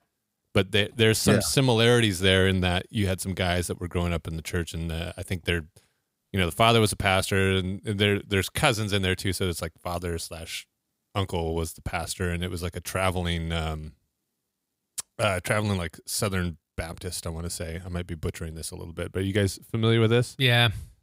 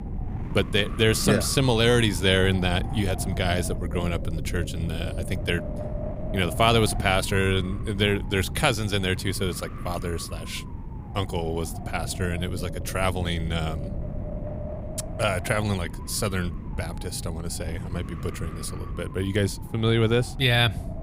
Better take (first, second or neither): first